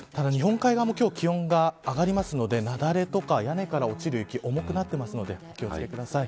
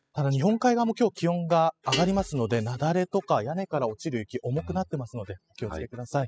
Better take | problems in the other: first | noise reduction (classical method spectral subtraction)

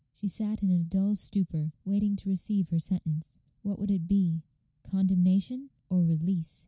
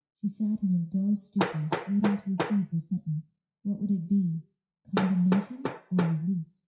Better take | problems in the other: first | noise reduction (classical method WPE with log-MMSE)

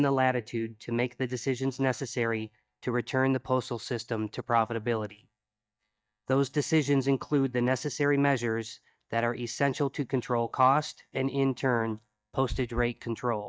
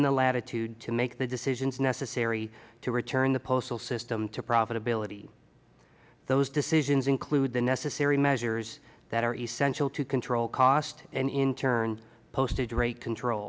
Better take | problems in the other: second | noise reduction (neural mask model DeepFilterNet 3)

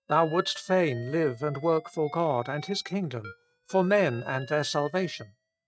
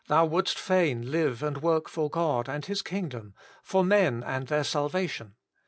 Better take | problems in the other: second | noise reduction (neural mask model RNNoise)

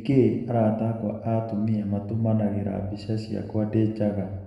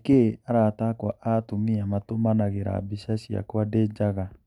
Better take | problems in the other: second | room echo; dies away in 1 s

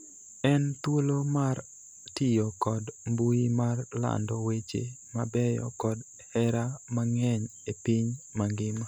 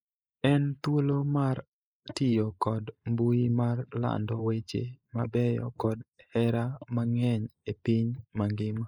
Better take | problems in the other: first | noise reduction (neural mask model Resemble Enhance denoiser)

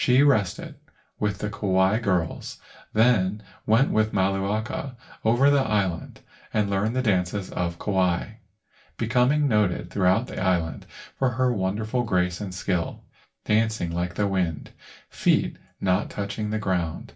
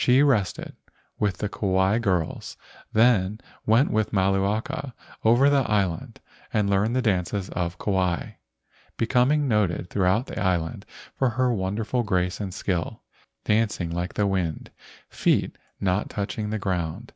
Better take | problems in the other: second | room echo; dies away in 0.2 s

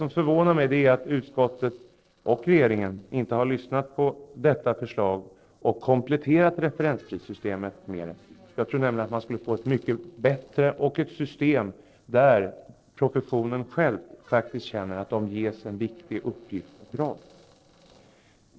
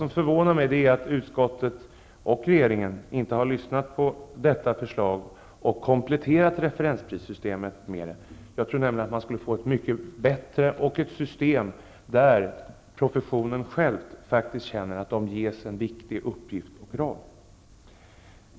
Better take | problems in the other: second | noise reduction (neural separator model SepFormer DNS4)

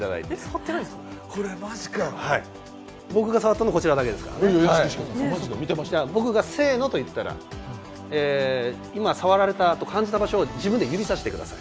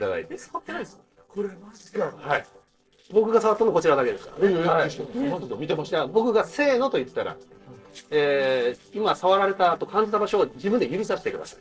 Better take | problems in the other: first | noise reduction (neural separator model SepFormer DNS4)

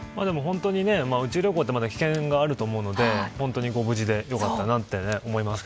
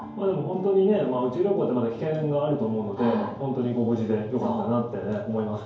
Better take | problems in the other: first | room echo; dies away in 2.4 s

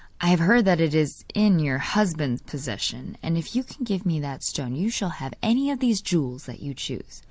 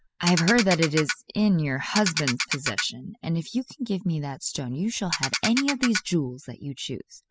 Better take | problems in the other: first | noise reduction (classical method spectral subtraction)

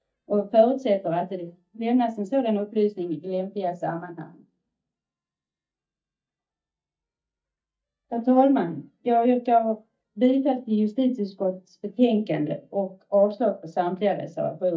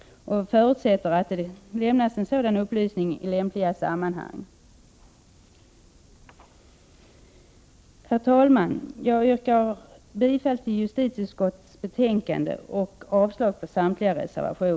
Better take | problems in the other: second | noise reduction (neural mask model DeepFilterNet 3)

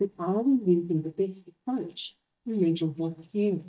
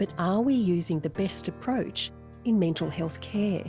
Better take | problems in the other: second | noise reduction (neural mask model DeepFilterNet 3)

